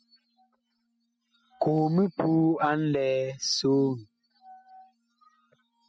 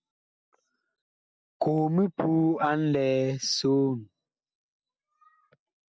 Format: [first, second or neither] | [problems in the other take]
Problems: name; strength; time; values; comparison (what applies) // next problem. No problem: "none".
second | noise reduction (classical method spectral subtraction)